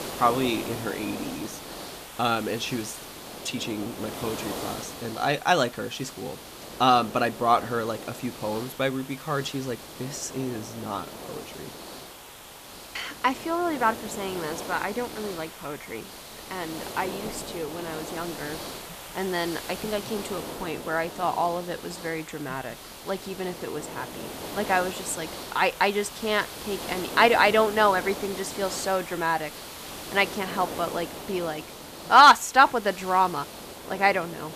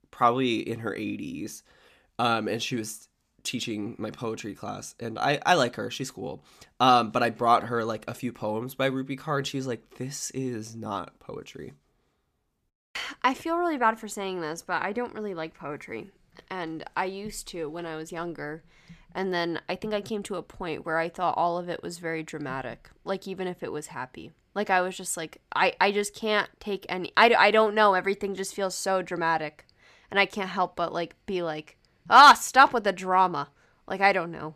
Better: second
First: hiss; noticeable; throughout; 10 dB below the speech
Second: none

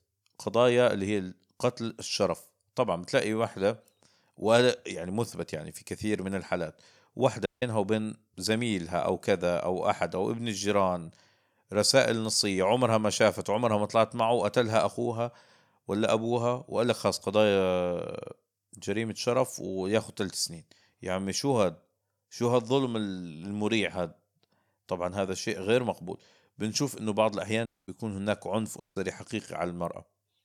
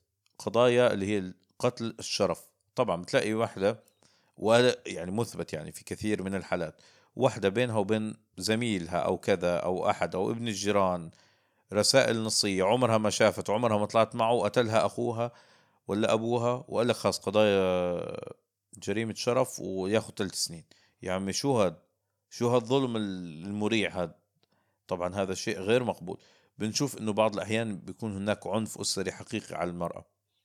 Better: second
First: audio cutting out; at 7.5 s, at 28 s and at 29 s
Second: none

